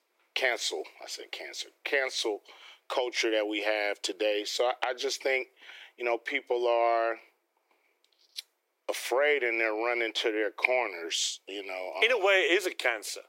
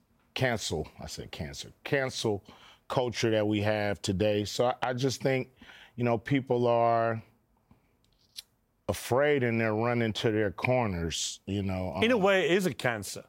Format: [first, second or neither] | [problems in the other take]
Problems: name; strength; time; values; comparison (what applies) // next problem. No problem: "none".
second | thin; very; fading below 350 Hz